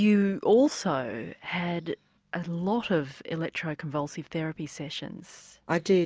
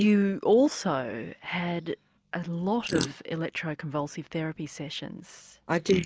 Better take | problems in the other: first | noise reduction (neural mask model Resemble Enhance denoiser)

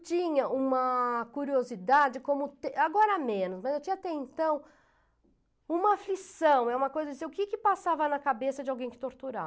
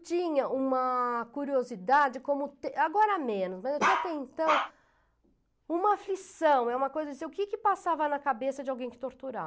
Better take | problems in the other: first | background sound (Bark); as loud as the speech

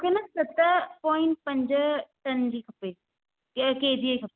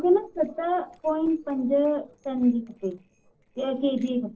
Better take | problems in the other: first | noise reduction (neural separator model SepFormer DNS4)

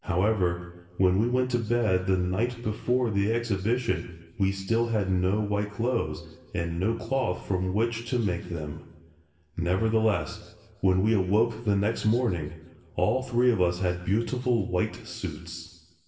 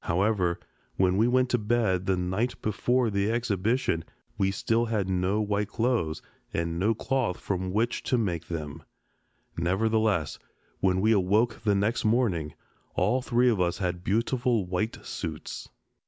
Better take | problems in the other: second | room echo; dies away in 1 s

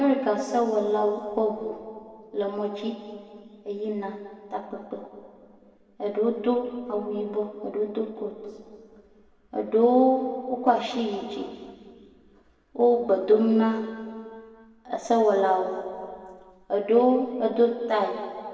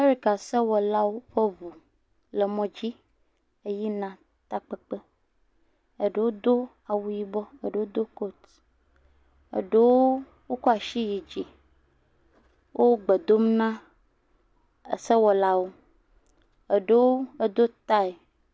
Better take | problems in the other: second | room echo; dies away in 2 s

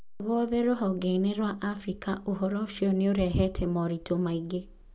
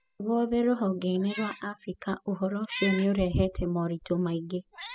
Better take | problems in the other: first | noise reduction (classical method spectral subtraction)

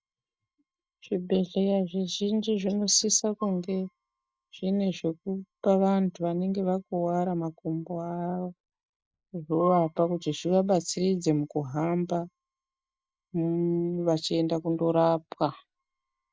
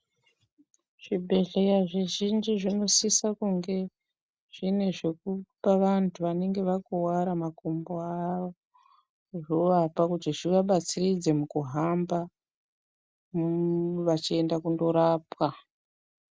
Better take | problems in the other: second | noise reduction (neural mask model DeepFilterNet 3)

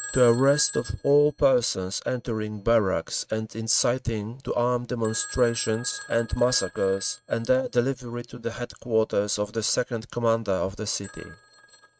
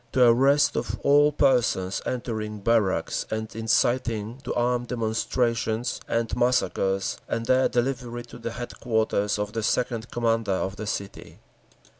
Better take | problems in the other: second | noise reduction (neural mask model RNNoise)

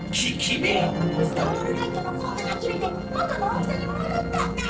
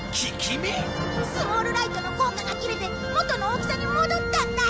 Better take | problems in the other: second | noise reduction (neural separator model SepFormer DNS4)

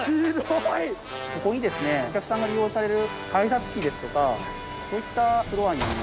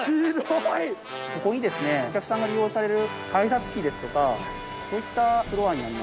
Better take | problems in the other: second | background sound (Sliding door / Train); 15 dB below the speech

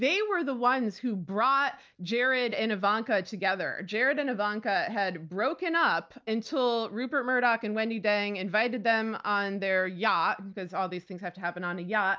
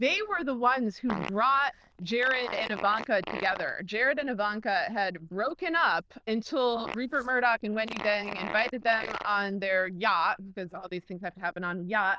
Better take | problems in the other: first | noise reduction (neural diffusion model UNIVERSE++)

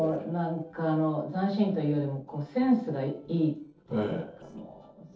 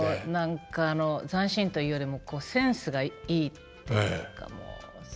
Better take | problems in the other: second | noise reduction (neural separator model SepFormer DNS4)

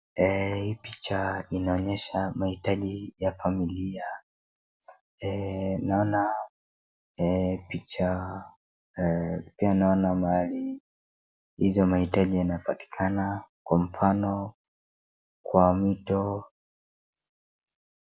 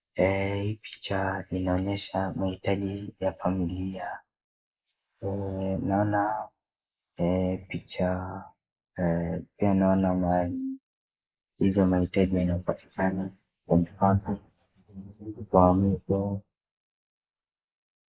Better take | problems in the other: first | noise reduction (neural mask model Resemble Enhance denoiser)

